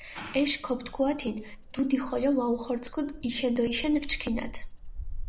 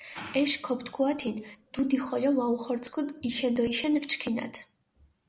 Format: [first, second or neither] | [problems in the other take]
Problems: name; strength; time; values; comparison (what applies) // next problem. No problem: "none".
second | background sound (Bird vocalization, bird call, bird song); 10 dB below the speech